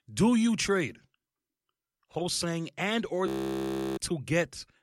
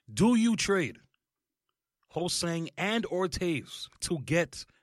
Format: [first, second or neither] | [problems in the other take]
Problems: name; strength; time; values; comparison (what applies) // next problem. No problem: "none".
second | audio freezing; at 3.5 s for 0.5 s